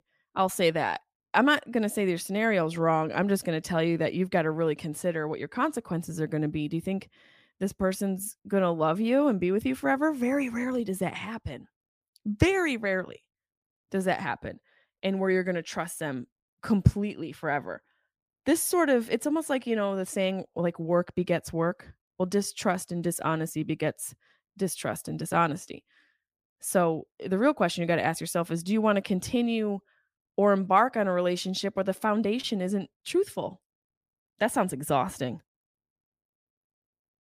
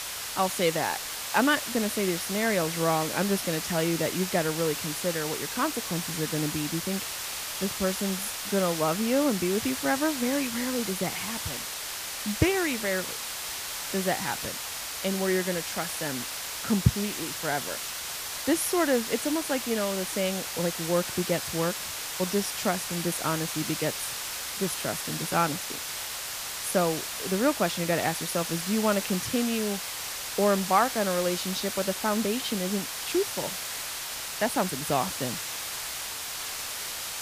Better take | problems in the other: first | hiss; loud; throughout; 3 dB below the speech

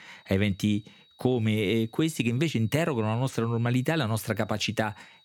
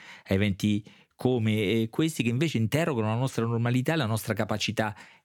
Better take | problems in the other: second | high-pitched whine; faint; throughout; 4 kHz, 30 dB below the speech

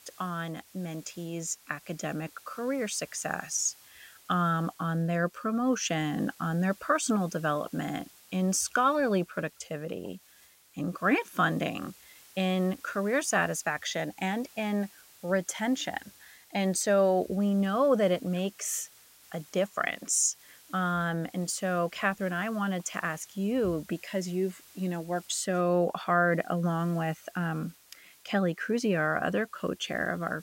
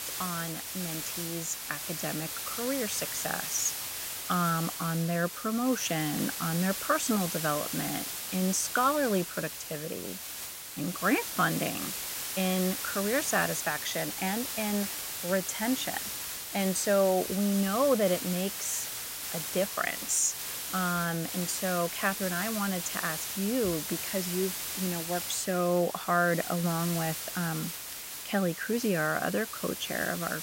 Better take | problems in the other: first | hiss; loud; throughout; 4 dB below the speech; faint in the first

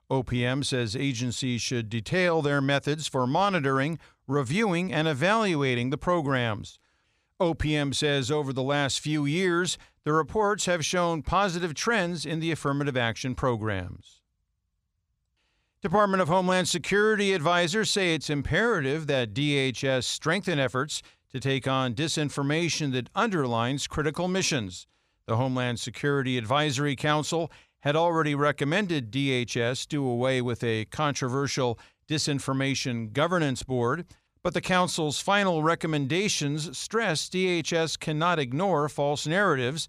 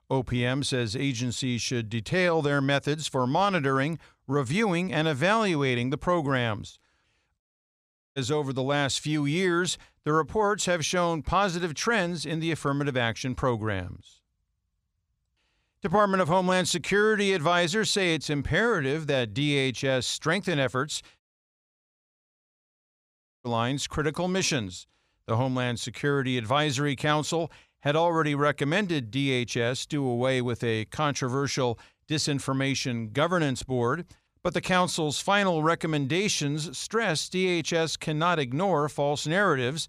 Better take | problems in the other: first | audio cutting out; at 7.5 s for 1 s and at 21 s for 2 s

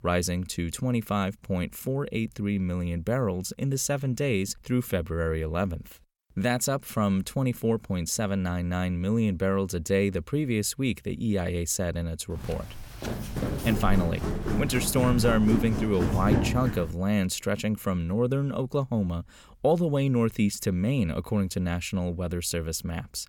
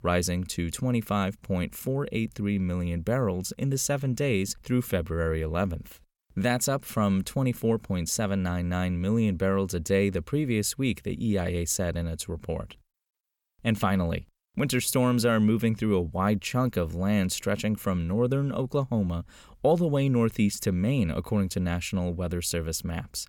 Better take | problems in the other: second | footsteps; loud; from 12 to 17 s; peak 2 dB above the speech

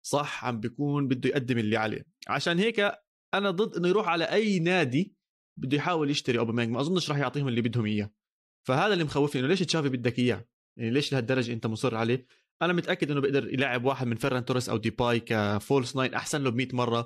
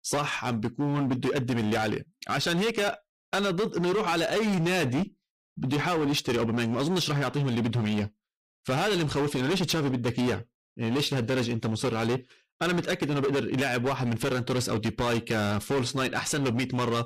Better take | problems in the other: first | distortion; heavy; 23% of the sound clipped

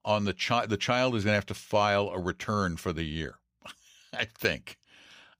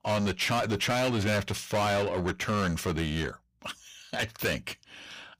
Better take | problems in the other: first | distortion; heavy; 6 dB below the speech

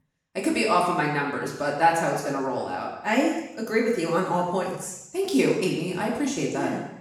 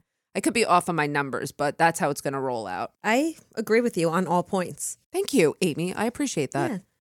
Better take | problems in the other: second | room echo; noticeable; dies away in 0.9 s // off-mic speech; far

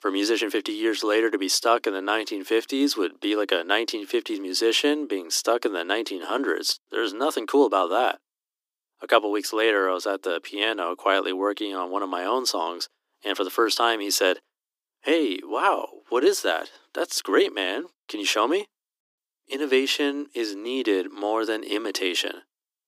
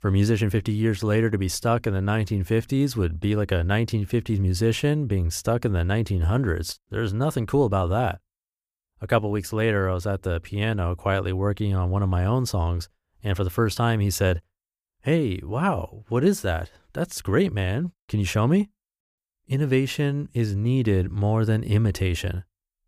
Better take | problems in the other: second | thin; somewhat; fading below 300 Hz

